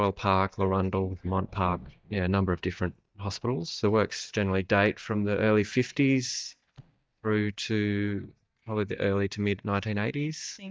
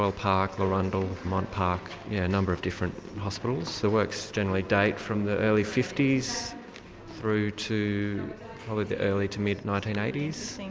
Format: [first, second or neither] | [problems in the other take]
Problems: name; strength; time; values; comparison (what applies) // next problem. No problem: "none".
second | noise reduction (neural mask model DeepFilterNet 3)